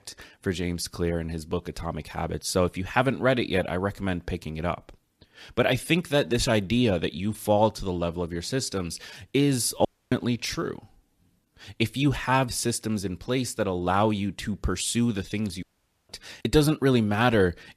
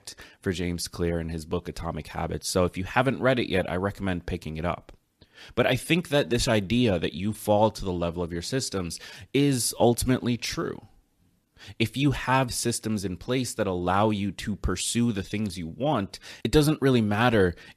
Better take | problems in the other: second | audio cutting out; at 10 s and at 16 s

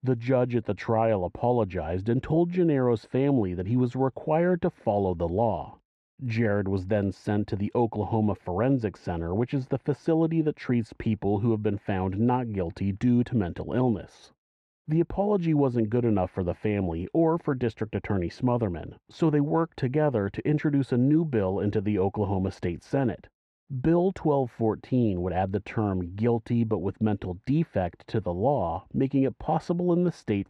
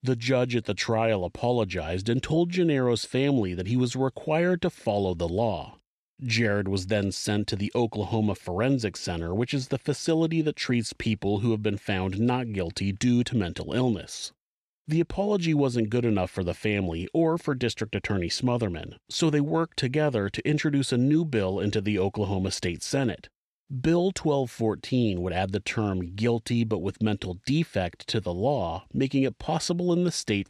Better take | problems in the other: second | muffled; very; fading above 2.5 kHz

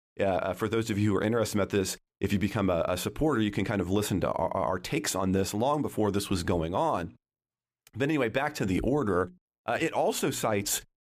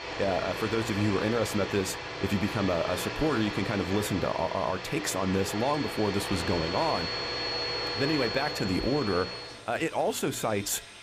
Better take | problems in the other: first | household noises; loud; throughout; 4 dB below the speech

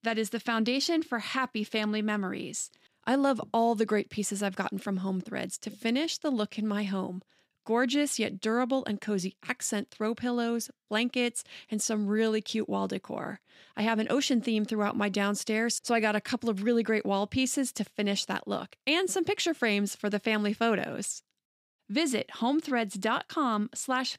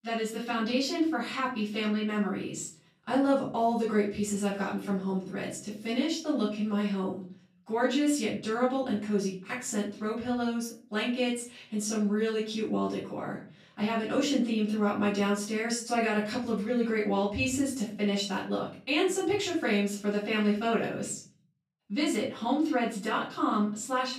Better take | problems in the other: first | off-mic speech; far // room echo; noticeable; dies away in 0.5 s

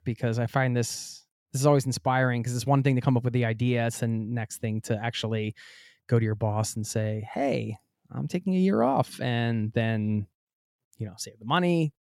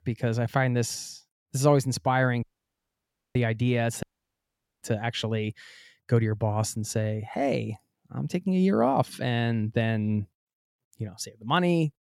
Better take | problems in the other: first | audio cutting out; at 2.5 s for 1 s and at 4 s for 1 s

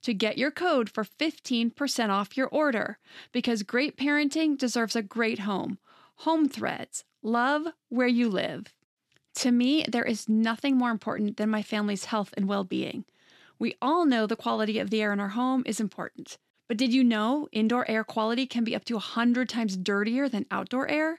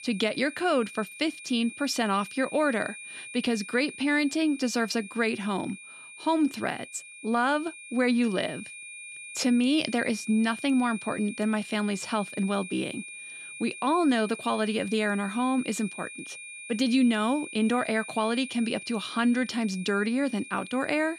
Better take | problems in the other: first | high-pitched whine; noticeable; throughout; 2.5 kHz, 15 dB below the speech

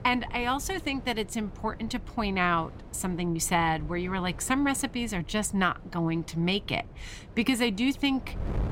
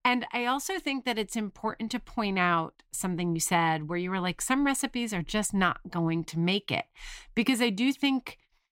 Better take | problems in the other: second | wind noise on the microphone; occasional gusts; 20 dB below the speech

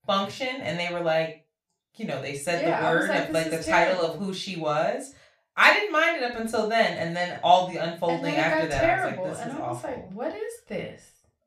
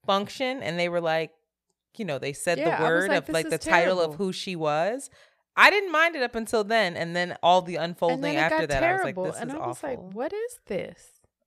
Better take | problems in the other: second | room echo; slight; dies away in 0.3 s // off-mic speech; far

